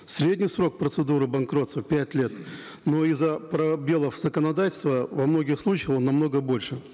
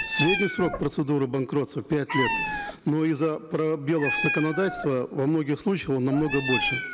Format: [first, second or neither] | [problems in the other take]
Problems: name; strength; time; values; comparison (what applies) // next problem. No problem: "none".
first | background sound (Meow); 6 dB below the speech